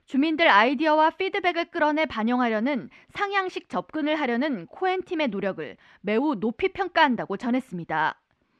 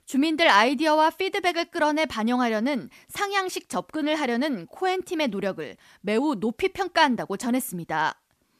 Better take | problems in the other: second | muffled; slightly; fading above 2.5 kHz

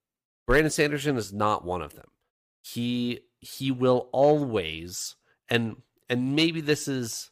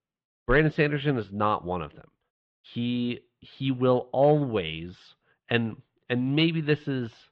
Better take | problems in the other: first | muffled; very; fading above 3.5 kHz

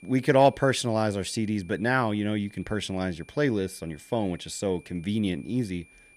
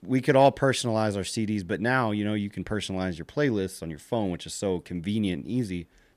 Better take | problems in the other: second | high-pitched whine; faint; throughout; 2.5 kHz, 25 dB below the speech

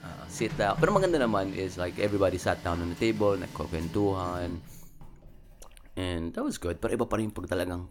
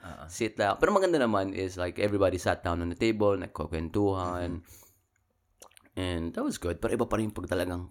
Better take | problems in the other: second | household noises; noticeable; throughout; 10 dB below the speech

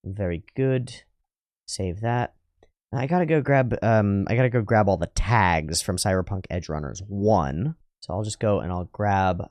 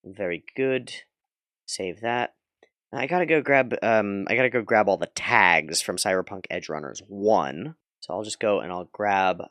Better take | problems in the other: first | thin; somewhat; fading below 300 Hz

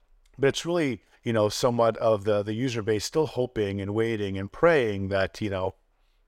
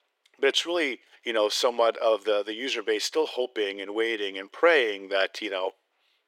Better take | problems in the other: first | thin; somewhat; fading below 300 Hz

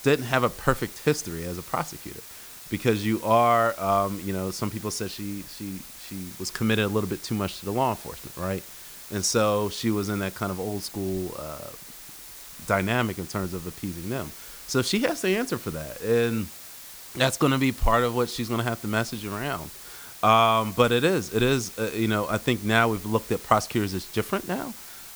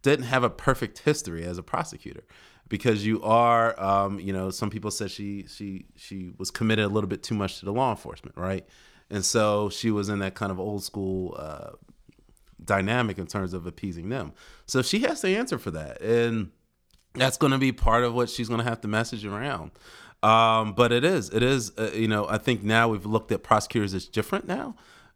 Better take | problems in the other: second | hiss; noticeable; throughout; 15 dB below the speech

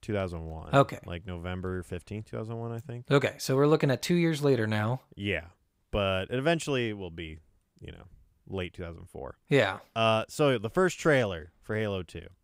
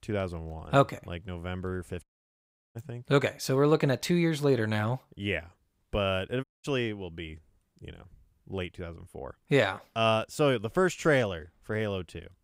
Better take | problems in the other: first | audio cutting out; at 2 s for 0.5 s and at 6.5 s

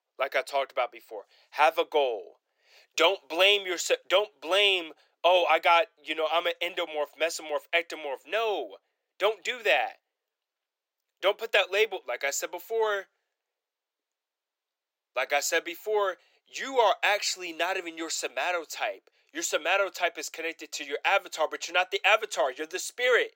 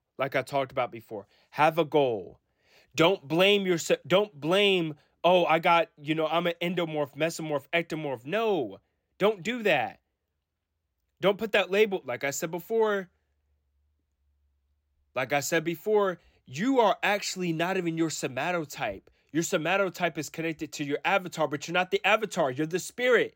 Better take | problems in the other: second | thin; very; fading below 450 Hz

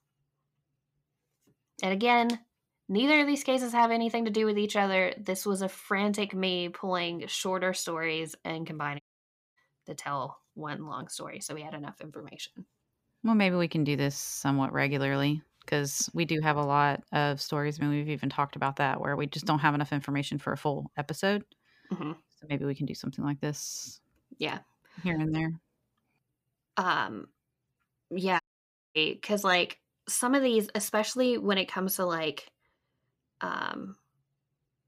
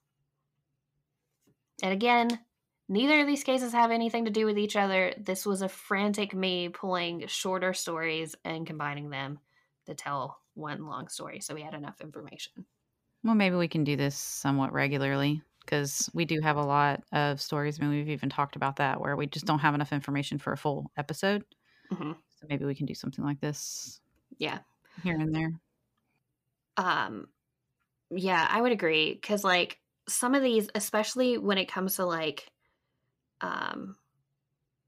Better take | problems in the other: second | audio cutting out; at 9 s for 0.5 s and at 28 s for 0.5 s

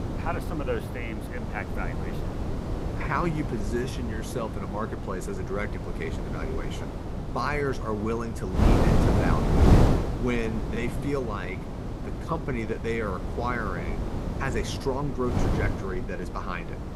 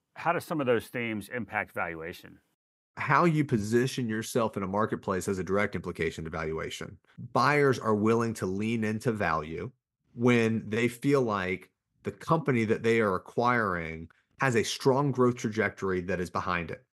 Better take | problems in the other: second | wind noise on the microphone; heavy; 2 dB below the speech

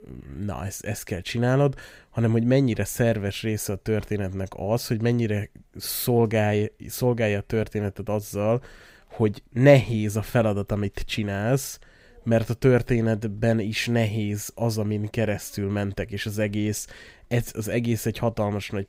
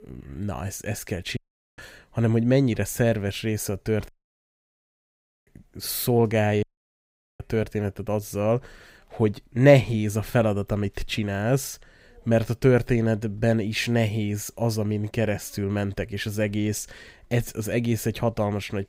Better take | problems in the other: first | audio cutting out; at 1.5 s, at 4 s for 1.5 s and at 6.5 s for 1 s

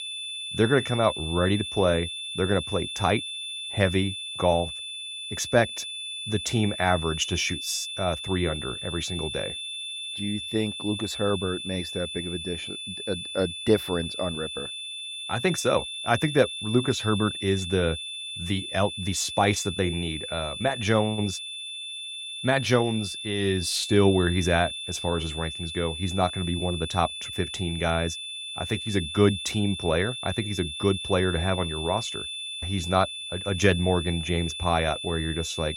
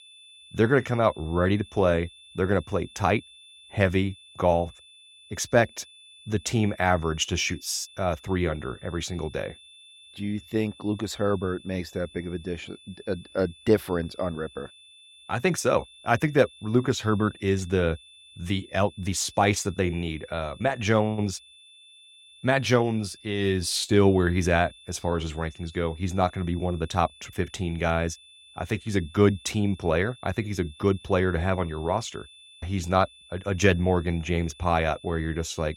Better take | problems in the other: second | high-pitched whine; loud; throughout; 3.5 kHz, 6 dB below the speech; faint in the second

